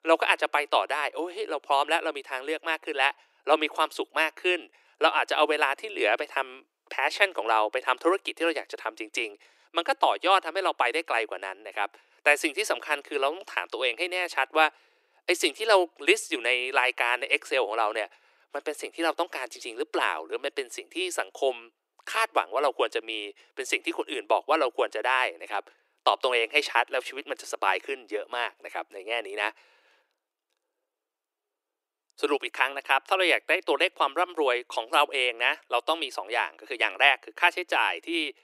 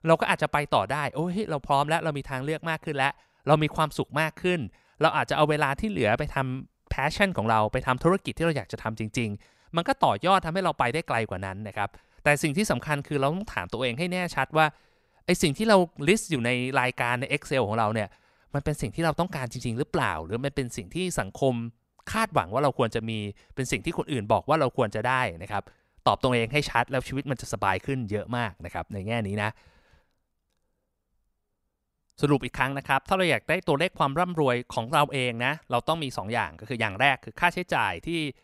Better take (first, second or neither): second